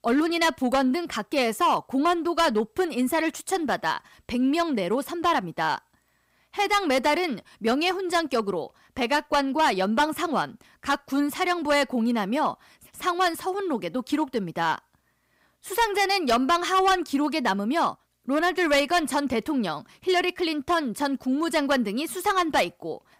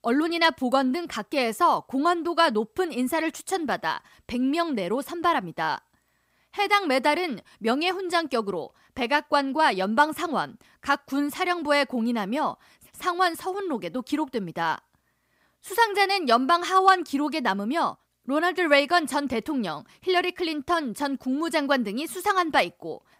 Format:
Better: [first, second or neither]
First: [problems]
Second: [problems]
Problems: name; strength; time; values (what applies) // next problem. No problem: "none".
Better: second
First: distortion; slight; 5% of the sound clipped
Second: none